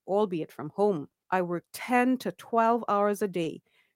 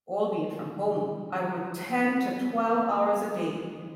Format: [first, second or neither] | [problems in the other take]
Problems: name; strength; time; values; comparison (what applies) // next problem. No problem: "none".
first | off-mic speech; far // room echo; noticeable; dies away in 1.8 s